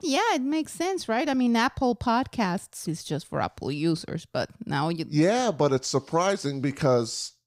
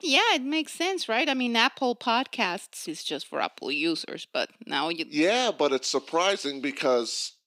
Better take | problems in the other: first | thin; very slightly; fading below 250 Hz

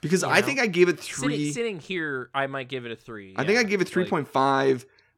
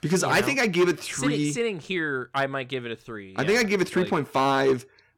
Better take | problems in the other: first | distortion; slight; 4% of the sound clipped

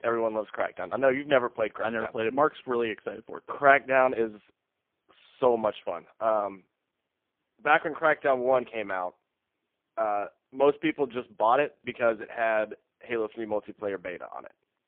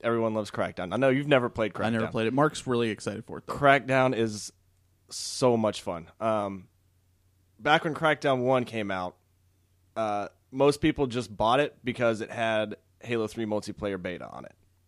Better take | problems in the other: second | phone-call audio; poor line; nothing above 3 kHz

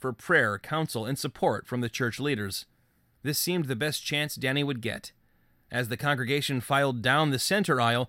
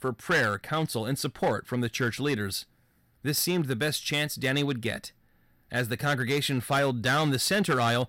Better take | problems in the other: first | distortion; slight; 5% of the sound clipped

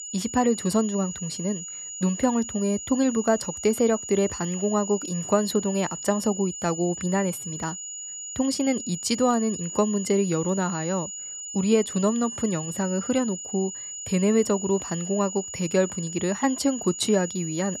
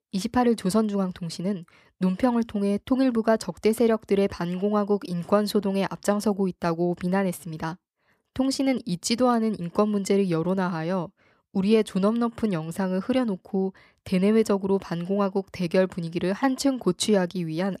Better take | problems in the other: second | high-pitched whine; loud; throughout; 7 kHz, 8 dB below the speech

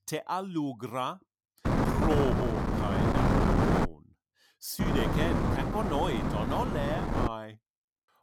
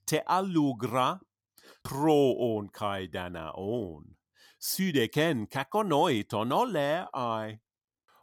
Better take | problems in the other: second | wind noise on the microphone; faint; from 1.5 to 4 s and from 5 to 7.5 s; 2 dB above the speech

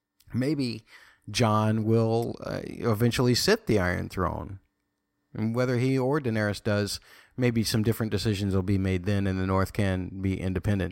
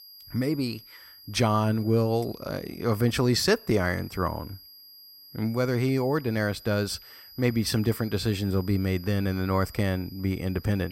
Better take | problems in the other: first | high-pitched whine; noticeable; throughout; 5 kHz, 20 dB below the speech

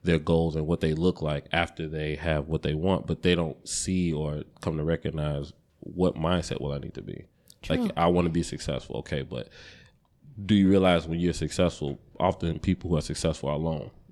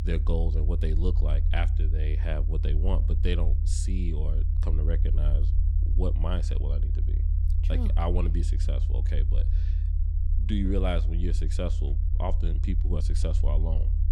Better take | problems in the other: first | low rumble; loud; throughout; 8 dB below the speech

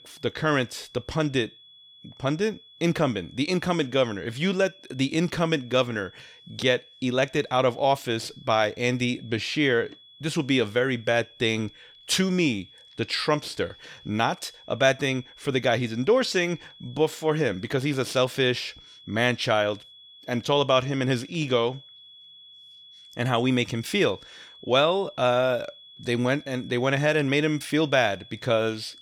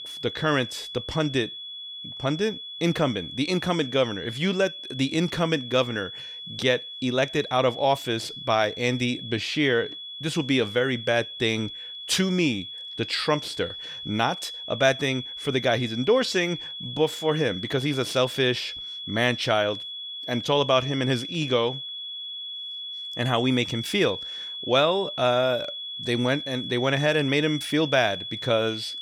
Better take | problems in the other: first | high-pitched whine; loud; throughout; 3.5 kHz, 9 dB below the speech; faint in the first

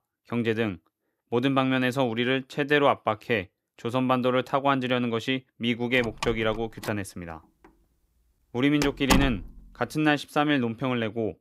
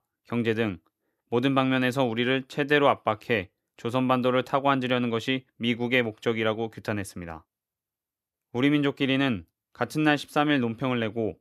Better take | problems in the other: second | door banging; loud; from 6 to 9.5 s; peak 1 dB above the speech

